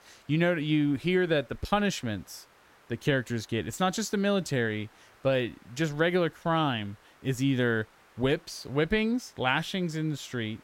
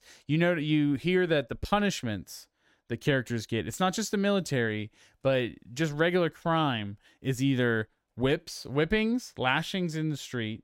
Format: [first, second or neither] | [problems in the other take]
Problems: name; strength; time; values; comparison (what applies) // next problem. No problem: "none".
second | hiss; faint; throughout; 30 dB below the speech